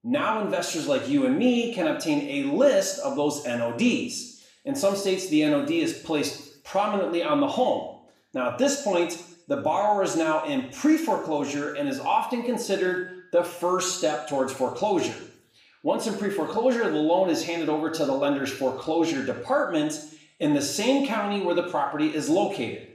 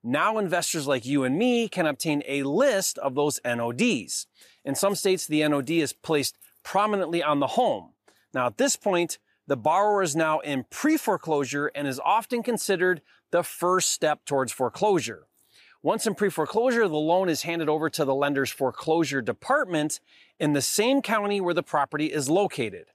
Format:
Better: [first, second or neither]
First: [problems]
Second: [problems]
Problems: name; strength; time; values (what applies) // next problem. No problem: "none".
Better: second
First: room echo; noticeable; dies away in 0.7 s // off-mic speech; somewhat distant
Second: none